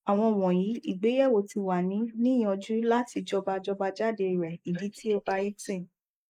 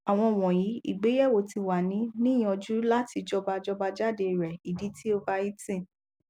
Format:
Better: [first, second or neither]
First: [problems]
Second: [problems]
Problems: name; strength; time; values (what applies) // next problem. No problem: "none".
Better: second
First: noise reduction (neural mask model Resemble Enhance denoiser)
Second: none